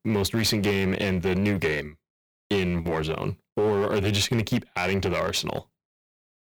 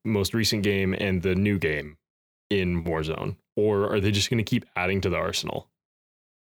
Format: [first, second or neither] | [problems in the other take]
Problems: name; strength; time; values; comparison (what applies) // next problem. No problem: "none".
second | distortion; slight; 9% of the sound clipped